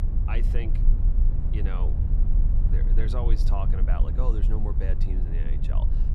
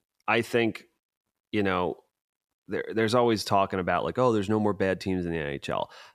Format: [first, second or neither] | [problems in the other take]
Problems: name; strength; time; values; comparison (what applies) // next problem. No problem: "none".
second | low rumble; loud; throughout; 4 dB below the speech